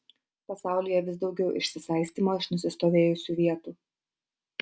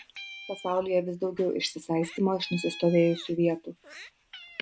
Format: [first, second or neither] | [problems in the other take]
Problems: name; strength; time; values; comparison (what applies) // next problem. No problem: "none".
first | background sound (Meow); 18 dB below the speech